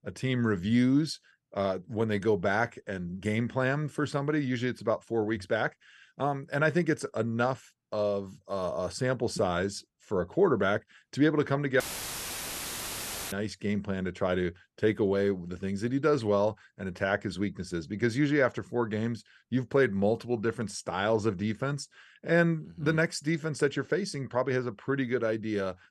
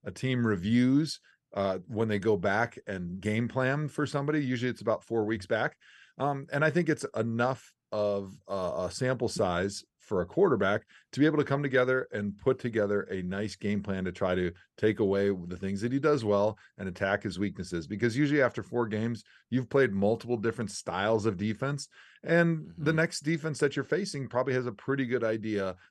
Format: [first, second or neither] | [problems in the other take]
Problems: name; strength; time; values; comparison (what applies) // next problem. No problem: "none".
second | audio cutting out; filled with static; at 12 s for 1.5 s